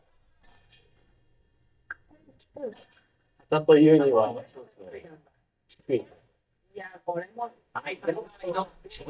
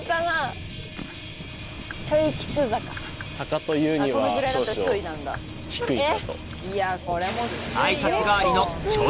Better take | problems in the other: second | noise reduction (neural mask model DeepFilterNet 3)

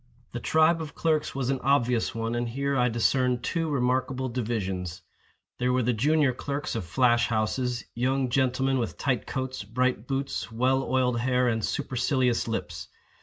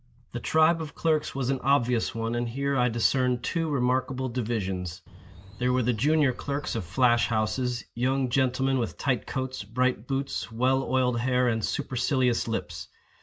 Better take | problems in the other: first | background sound (Bird); 18 dB below the speech

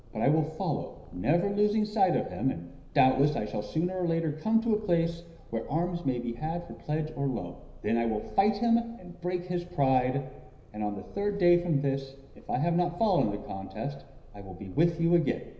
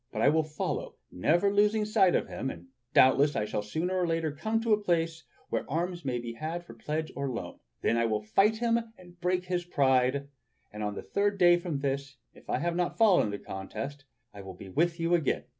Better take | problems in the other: second | background sound (Purr); 19 dB below the speech // room echo; dies away in 0.9 s

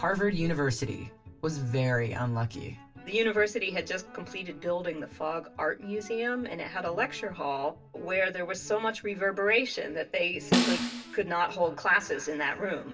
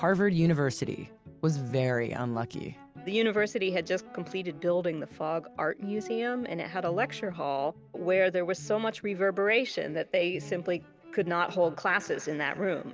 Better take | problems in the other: second | background sound (Snare drum); 1 dB above the speech // room echo; dies away in 0.2 s

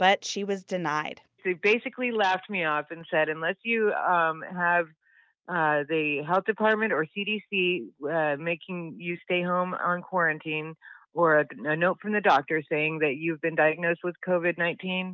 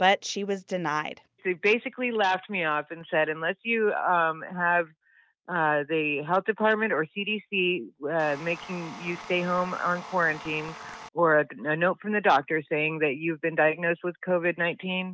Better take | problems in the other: first | background sound (Tools); 15 dB below the speech

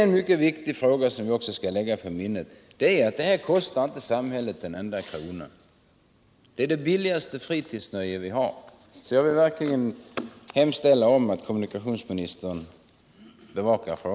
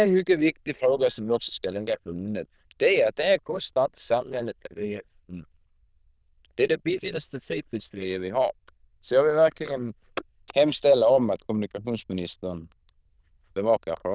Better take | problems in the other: first | noise reduction (neural diffusion model UNIVERSE++)

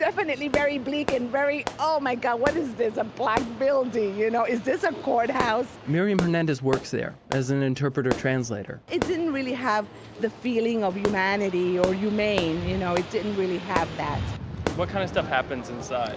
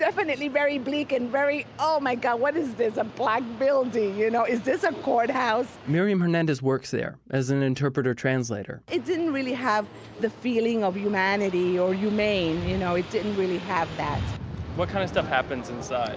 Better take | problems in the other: second | background sound (Fireworks); 11 dB below the speech

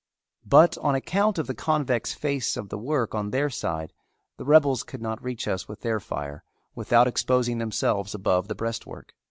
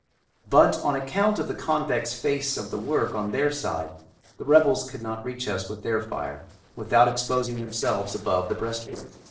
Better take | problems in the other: first | noise reduction (neural separator model SepFormer DNS4)

